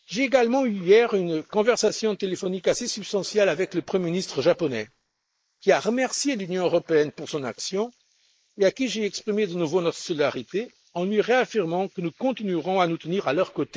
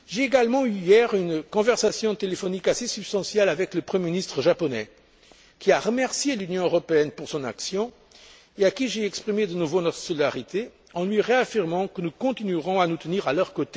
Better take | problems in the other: second | noise reduction (neural mask model Resemble Enhance denoiser)

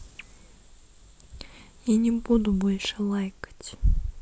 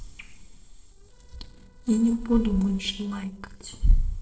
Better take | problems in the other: first | noise reduction (neural separator model SepFormer DNS4)

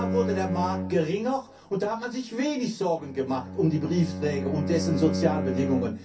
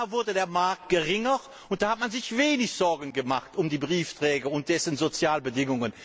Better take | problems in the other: second | background sound (Bowed string instrument); 5 dB below the speech // room echo; dies away in 0.3 s

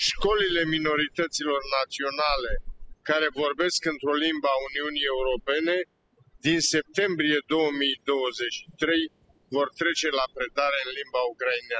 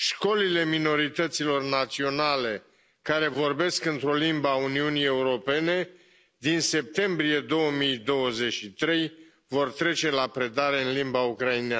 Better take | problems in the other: second | noise reduction (classical method spectral subtraction)

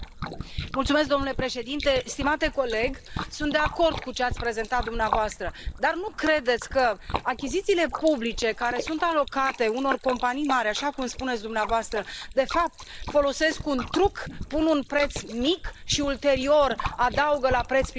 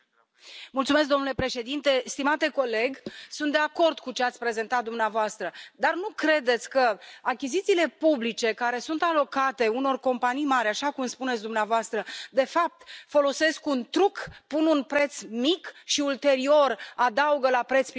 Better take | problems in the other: second | noise reduction (neural mask model Resemble Enhance denoiser)

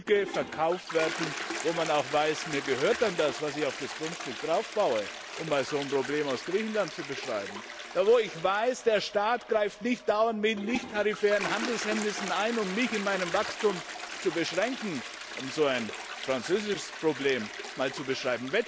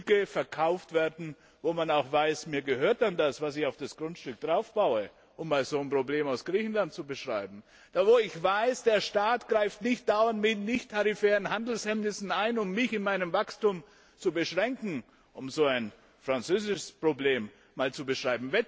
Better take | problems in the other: second | background sound (Toilet flush); 9 dB below the speech

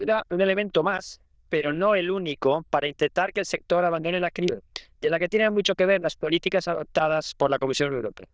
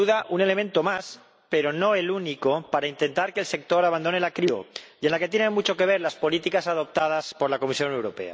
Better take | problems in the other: second | noise reduction (neural diffusion model UNIVERSE++)

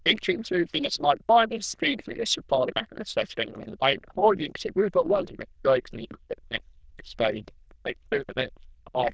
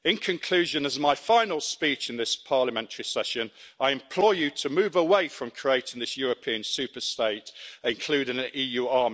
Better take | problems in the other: second | noise reduction (neural diffusion model UNIVERSE++)

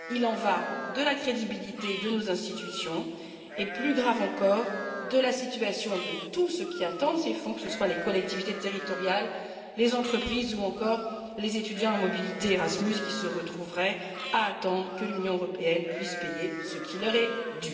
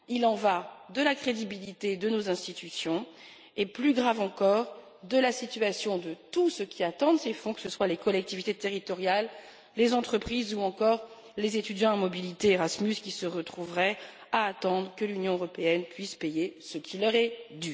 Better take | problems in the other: second | background sound (Livestock, farm animals, working animals); 11 dB below the speech // room echo; dies away in 2.7 s

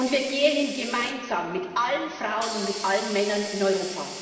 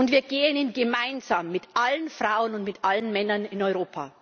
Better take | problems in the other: second | background sound (Hiss); 12 dB below the speech // room echo; dies away in 1.6 s

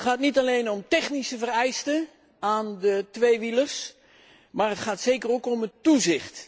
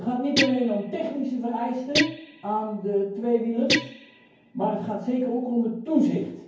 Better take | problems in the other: first | background sound (Guitar); 5 dB below the speech // room echo; dies away in 0.9 s

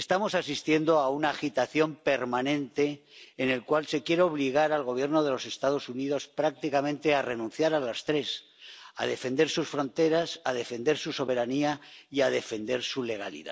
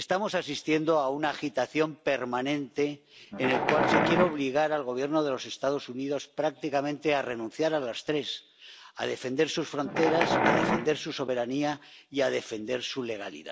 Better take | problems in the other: first | background sound (Wild animals); 2 dB above the speech

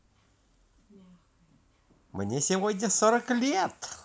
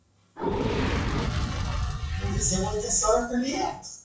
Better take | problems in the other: first | noise reduction (classical method WPE with log-MMSE)

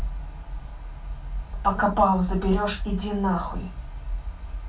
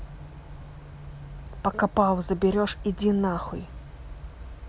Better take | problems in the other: second | room echo; dies away in 0.2 s

